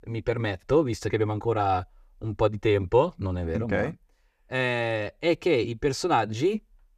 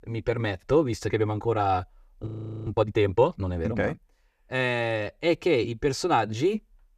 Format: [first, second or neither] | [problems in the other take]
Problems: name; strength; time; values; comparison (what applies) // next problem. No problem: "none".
first | audio freezing; at 2.5 s